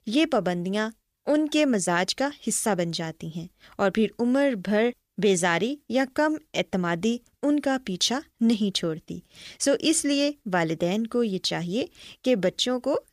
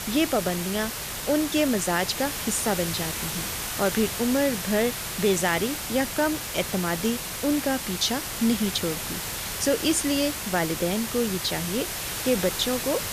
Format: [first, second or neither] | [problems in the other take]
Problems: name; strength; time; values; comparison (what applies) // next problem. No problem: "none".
first | hiss; loud; throughout; 4 dB below the speech